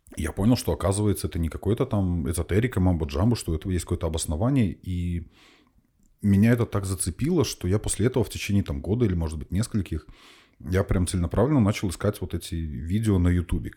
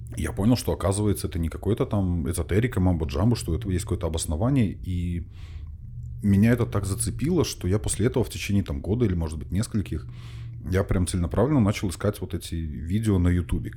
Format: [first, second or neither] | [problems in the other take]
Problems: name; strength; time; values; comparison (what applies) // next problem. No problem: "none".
first | low rumble; faint; throughout; 25 dB below the speech